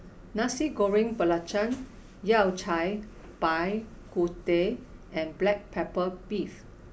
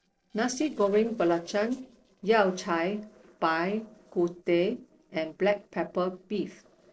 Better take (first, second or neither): first